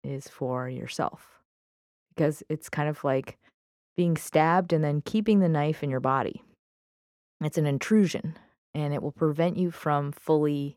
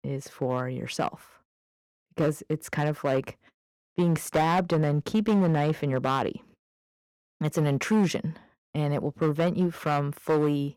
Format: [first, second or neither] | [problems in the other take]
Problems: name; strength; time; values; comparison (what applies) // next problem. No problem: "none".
first | distortion; slight; 8% of the sound clipped